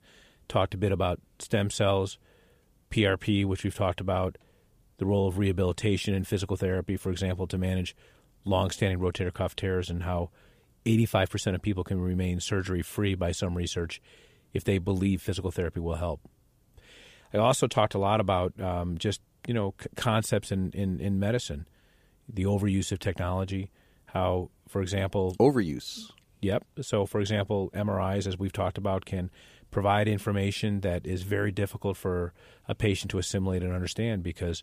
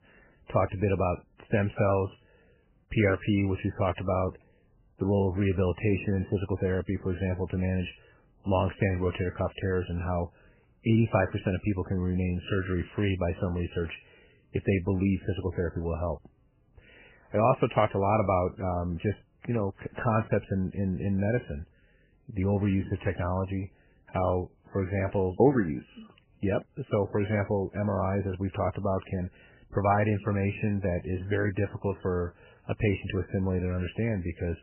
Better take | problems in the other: first | garbled, watery; badly; nothing above 3 kHz

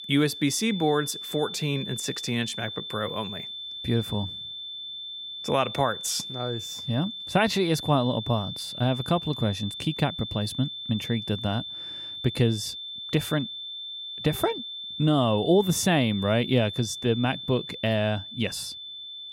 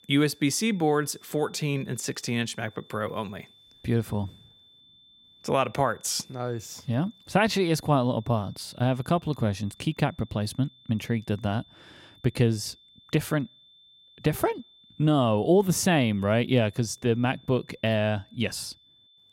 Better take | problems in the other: second | high-pitched whine; loud; throughout; 3.5 kHz, 8 dB below the speech; faint in the second

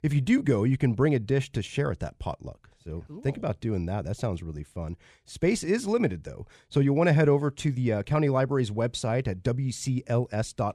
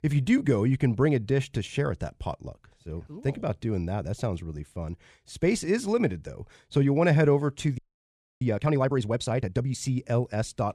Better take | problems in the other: first | audio freezing; at 8 s for 0.5 s

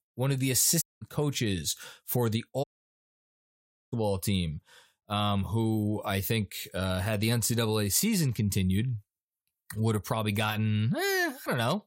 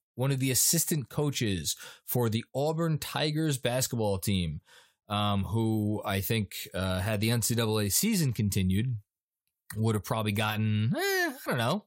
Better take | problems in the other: second | audio cutting out; at 1 s and at 2.5 s for 1.5 s

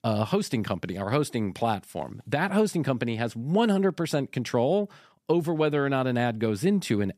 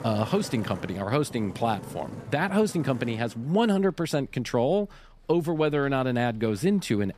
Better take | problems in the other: first | traffic noise; noticeable; throughout; 15 dB below the speech

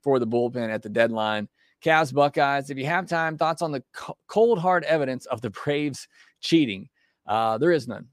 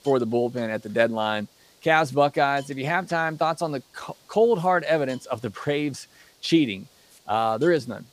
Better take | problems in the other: first | hiss; faint; throughout; 30 dB below the speech

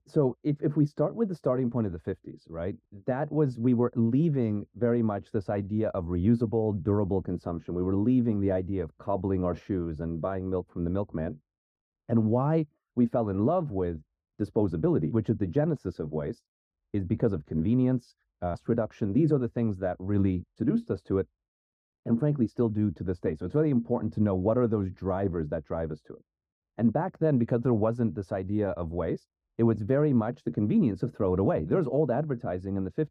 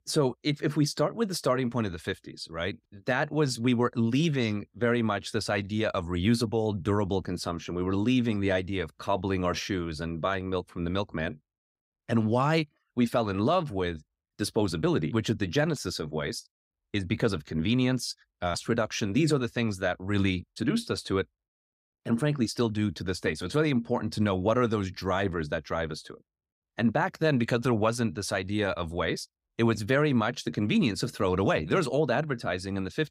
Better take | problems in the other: second | muffled; very; fading above 1.5 kHz

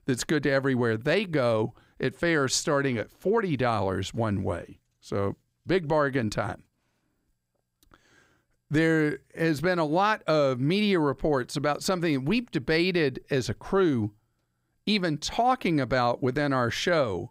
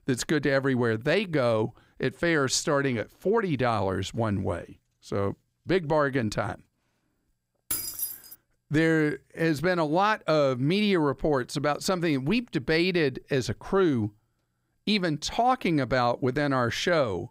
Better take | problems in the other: first | jangling keys; noticeable; at 7.5 s; peak 2 dB below the speech

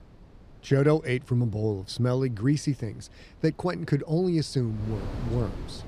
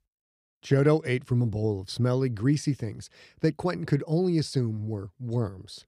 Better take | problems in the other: second | wind noise on the microphone; occasional gusts; 20 dB below the speech

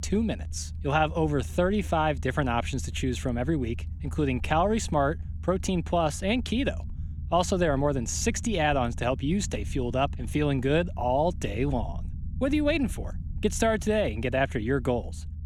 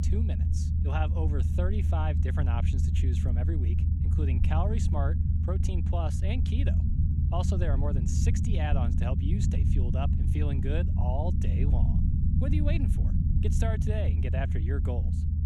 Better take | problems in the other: first | low rumble; loud; throughout; 3 dB below the speech; faint in the first

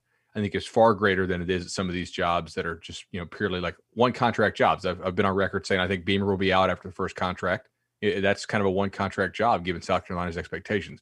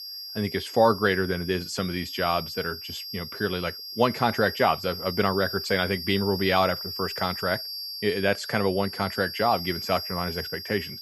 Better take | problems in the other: first | high-pitched whine; loud; throughout; 5 kHz, 7 dB below the speech

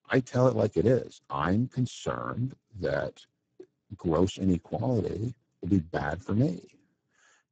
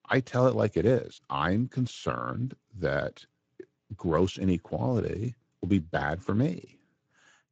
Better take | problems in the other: second | garbled, watery; badly; nothing above 7.5 kHz; slightly in the second

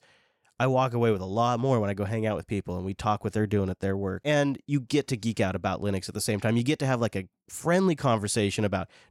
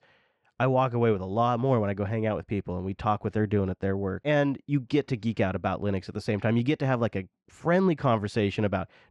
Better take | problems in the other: first | muffled; slightly; fading above 3 kHz

